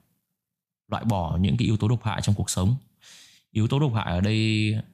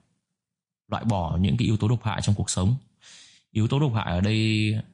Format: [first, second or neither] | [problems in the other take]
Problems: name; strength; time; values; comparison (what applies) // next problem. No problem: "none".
first | garbled, watery; slightly; nothing above 9 kHz